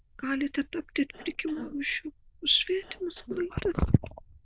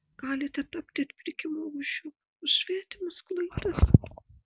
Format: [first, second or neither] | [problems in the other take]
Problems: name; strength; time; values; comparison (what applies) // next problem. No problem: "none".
second | noise reduction (neural diffusion model UNIVERSE++)